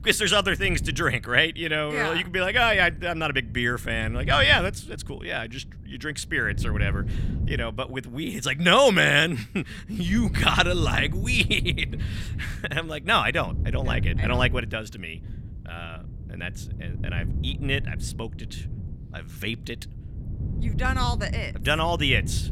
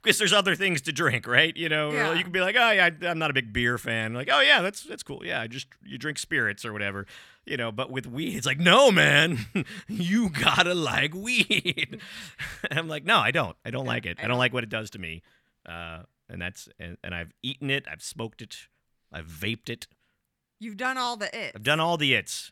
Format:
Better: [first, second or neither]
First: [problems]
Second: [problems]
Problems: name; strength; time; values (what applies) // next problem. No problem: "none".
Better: second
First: wind noise on the microphone; occasional gusts; 20 dB below the speech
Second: none